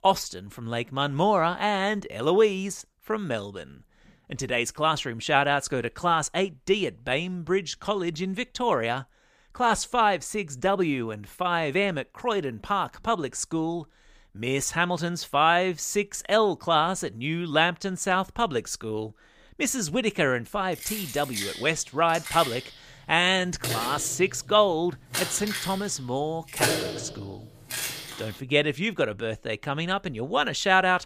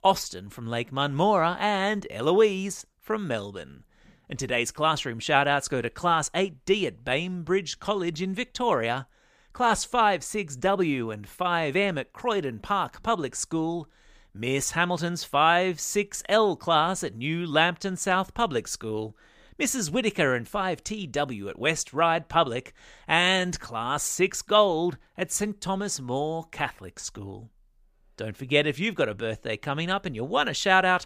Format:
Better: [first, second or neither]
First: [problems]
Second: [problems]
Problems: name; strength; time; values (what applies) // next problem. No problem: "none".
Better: second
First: jangling keys; loud; from 21 to 28 s; peak 1 dB above the speech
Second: none